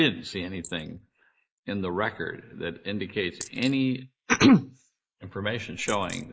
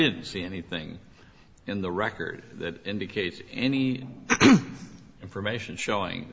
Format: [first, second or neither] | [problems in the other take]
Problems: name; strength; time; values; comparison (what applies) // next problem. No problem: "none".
second | noise reduction (neural mask model Resemble Enhance denoiser)